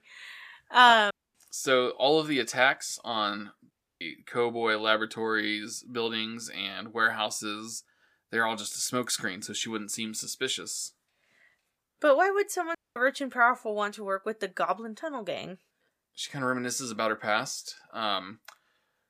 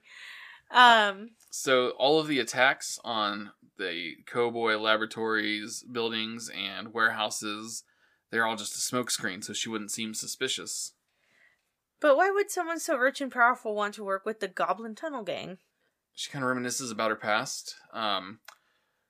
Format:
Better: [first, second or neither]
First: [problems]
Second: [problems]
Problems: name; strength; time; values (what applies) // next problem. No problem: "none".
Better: second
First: audio cutting out; at 1 s, at 3.5 s and at 13 s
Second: none